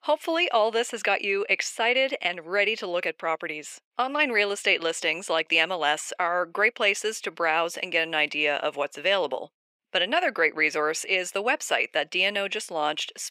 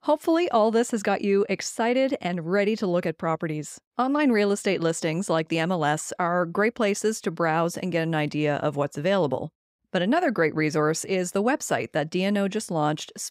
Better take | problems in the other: second | thin; somewhat; fading below 550 Hz

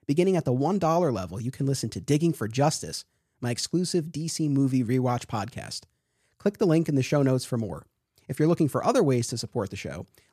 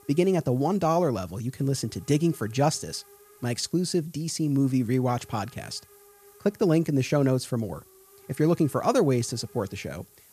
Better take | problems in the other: first | hiss; faint; throughout; 25 dB below the speech

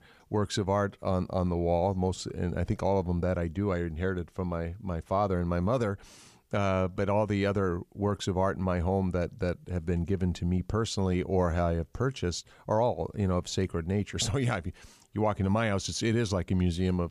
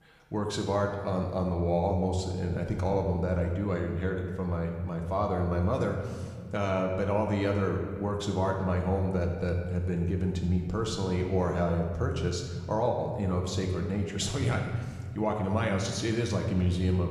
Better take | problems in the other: first | room echo; noticeable; dies away in 1.5 s // off-mic speech; somewhat distant

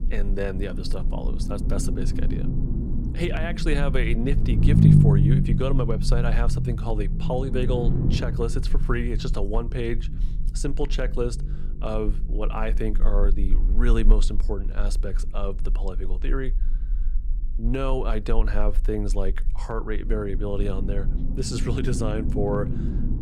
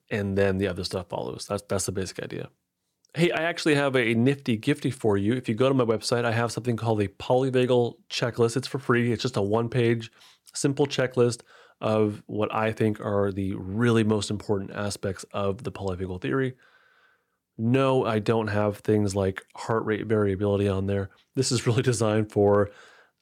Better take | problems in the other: second | low rumble; loud; throughout; 3 dB below the speech

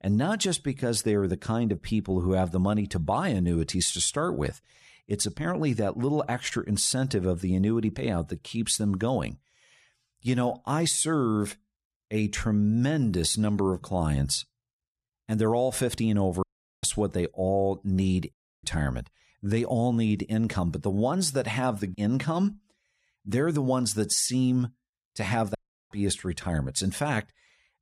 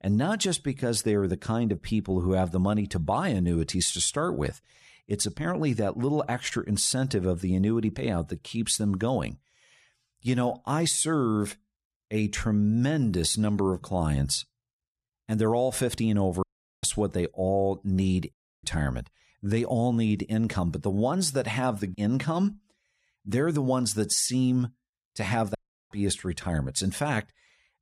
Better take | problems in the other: neither | audio cutting out; at 16 s, at 18 s and at 26 s; the same in both

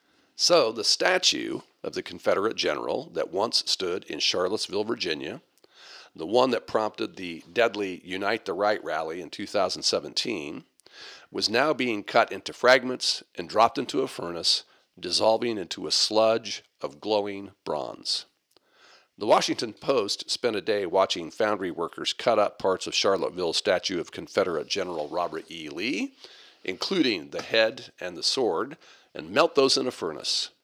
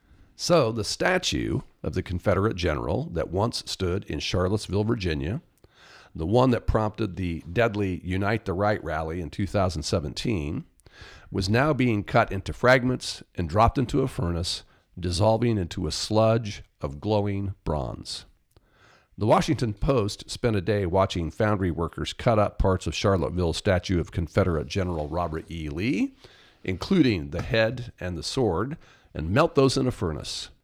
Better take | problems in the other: second | thin; somewhat; fading below 400 Hz

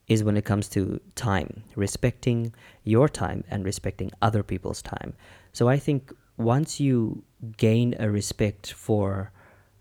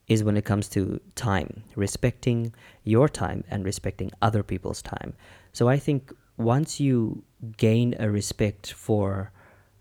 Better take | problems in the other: neither | none

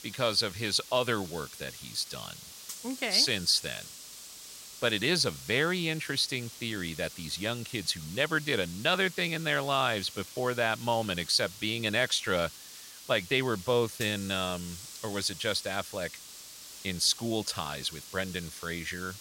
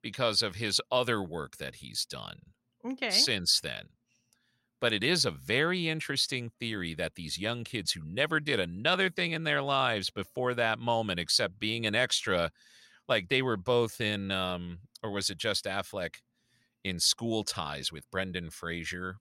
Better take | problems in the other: second | hiss; noticeable; throughout; 15 dB below the speech

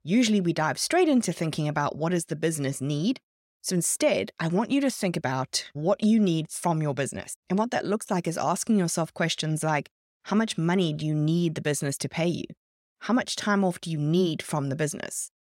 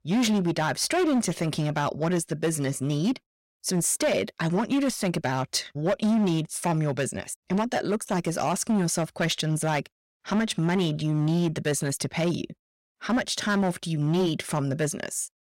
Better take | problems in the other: first | distortion; slight; 11% of the sound clipped

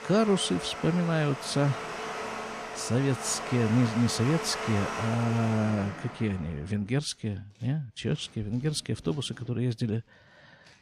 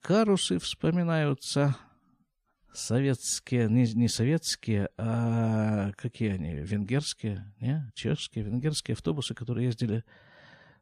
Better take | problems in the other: second | household noises; loud; throughout; 7 dB below the speech

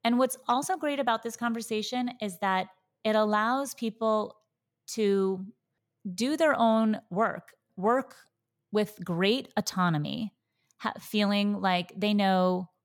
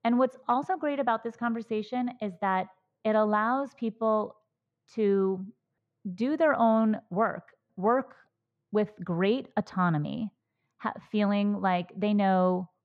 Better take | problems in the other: first | muffled; very; fading above 2 kHz

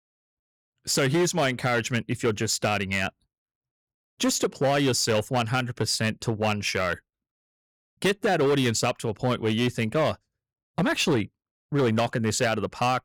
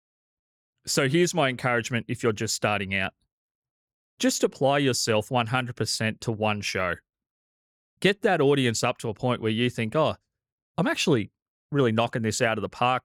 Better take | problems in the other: second | distortion; slight; 7% of the sound clipped

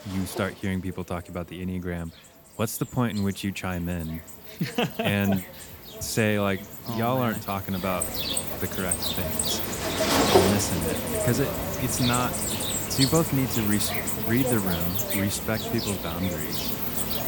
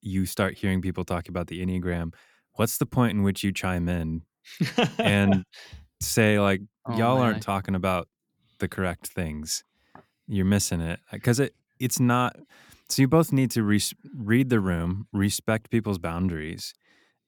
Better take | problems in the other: second | animal sounds; very loud; throughout; 2 dB above the speech

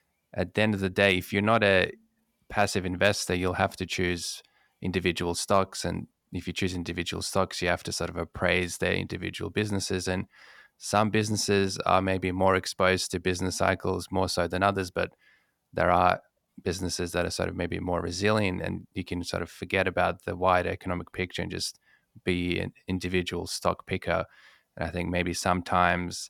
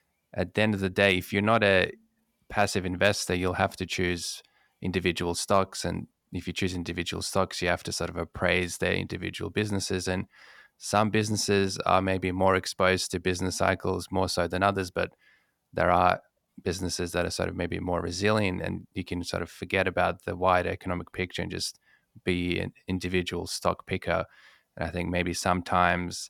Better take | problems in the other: neither | none

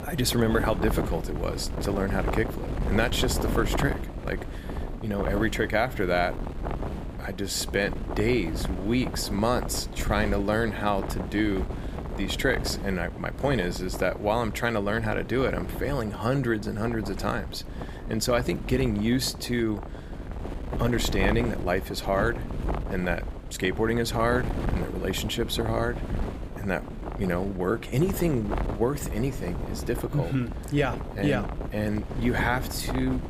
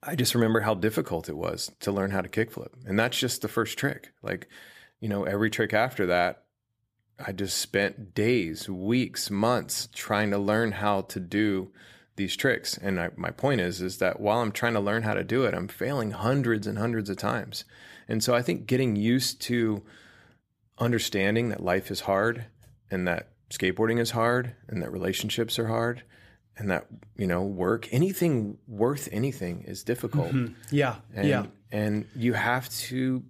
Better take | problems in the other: second | wind noise on the microphone; heavy; 9 dB below the speech

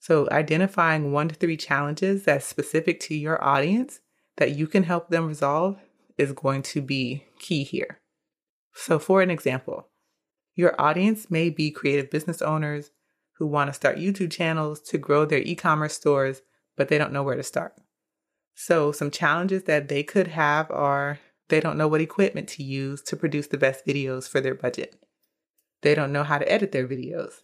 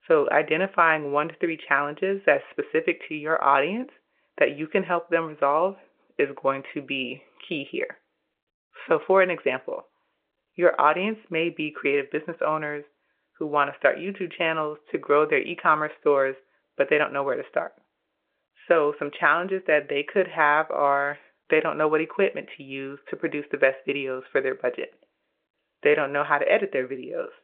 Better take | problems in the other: first | phone-call audio

